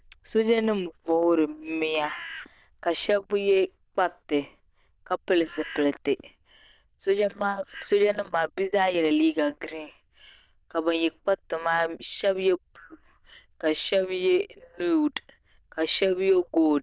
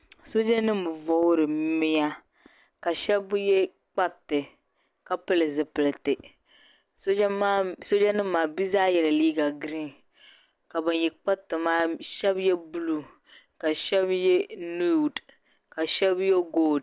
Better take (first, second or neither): second